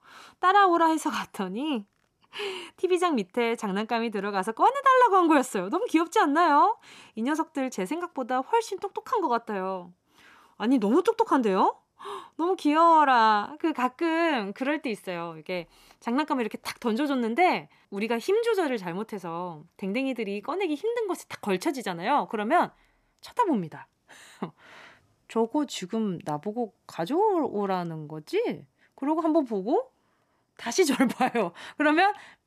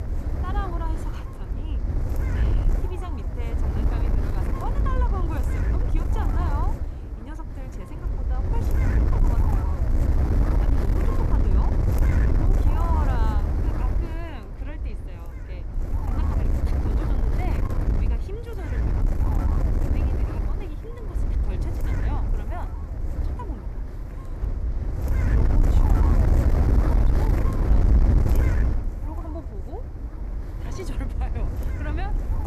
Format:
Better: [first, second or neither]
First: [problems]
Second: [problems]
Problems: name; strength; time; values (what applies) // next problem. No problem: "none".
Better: first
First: none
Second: wind noise on the microphone; heavy; 3 dB above the speech